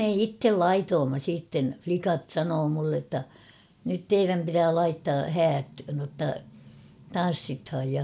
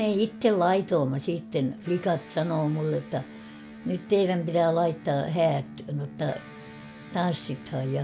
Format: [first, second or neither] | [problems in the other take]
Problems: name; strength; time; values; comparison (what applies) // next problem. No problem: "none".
first | background sound (Electric guitar); 17 dB below the speech